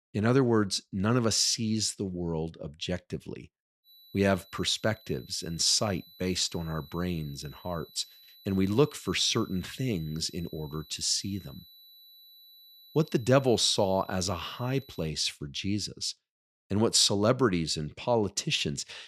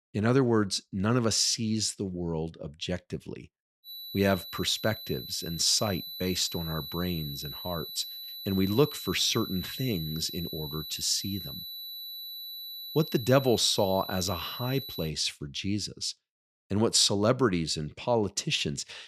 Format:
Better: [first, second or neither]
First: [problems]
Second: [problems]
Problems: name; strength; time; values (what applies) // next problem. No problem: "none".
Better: first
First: high-pitched whine; faint; from 4 to 15 s; 4 kHz, 25 dB below the speech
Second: high-pitched whine; loud; from 4 to 15 s; 4 kHz, 9 dB below the speech